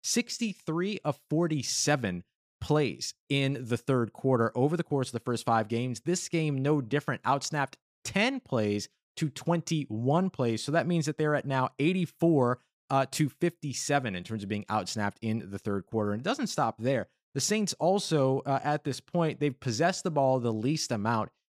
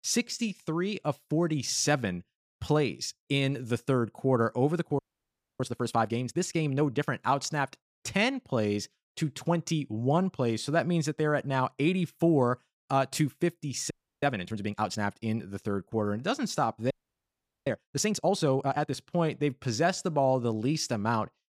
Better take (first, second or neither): first